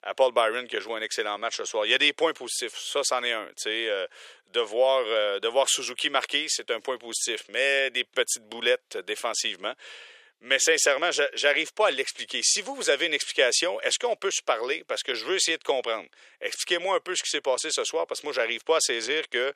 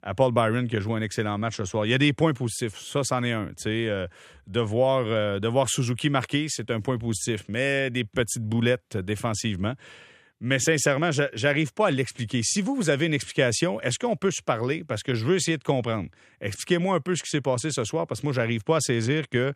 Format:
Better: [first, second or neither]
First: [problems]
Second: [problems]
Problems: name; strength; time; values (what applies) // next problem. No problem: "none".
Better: second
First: thin; very; fading below 450 Hz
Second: none